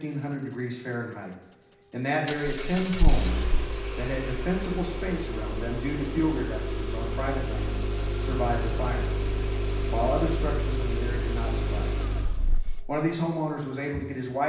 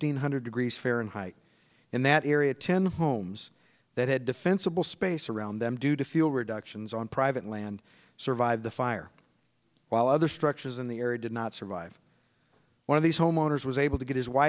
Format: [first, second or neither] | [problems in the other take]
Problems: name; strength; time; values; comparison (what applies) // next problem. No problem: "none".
second | background sound (Engine starting); 4 dB above the speech // room echo; dies away in 0.9 s